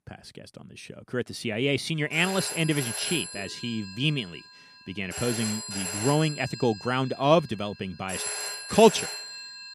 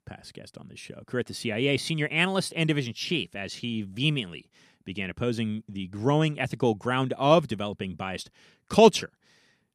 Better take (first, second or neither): second